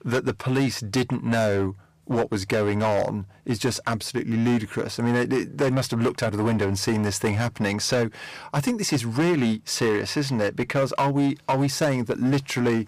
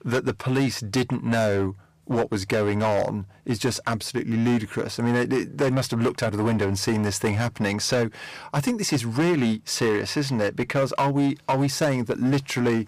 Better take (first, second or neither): neither